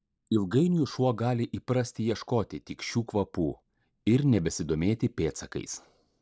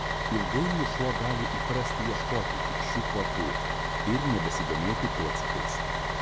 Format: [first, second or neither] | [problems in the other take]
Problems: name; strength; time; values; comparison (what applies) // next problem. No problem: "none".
first | background sound (Bus); 3 dB above the speech